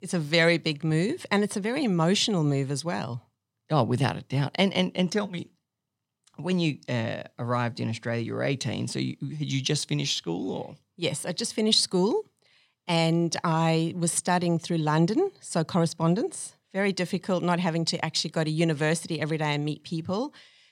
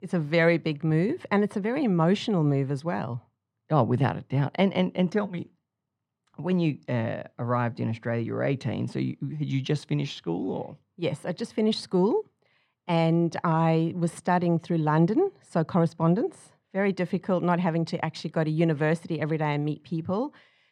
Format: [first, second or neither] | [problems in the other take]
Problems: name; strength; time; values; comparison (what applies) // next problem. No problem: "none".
first | muffled; slightly; fading above 3 kHz